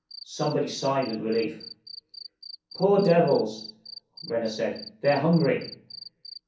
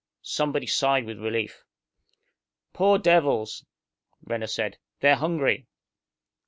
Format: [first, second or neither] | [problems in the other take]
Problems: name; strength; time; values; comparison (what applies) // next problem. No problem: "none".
second | background sound (Cricket); 18 dB below the speech // room echo; dies away in 0.6 s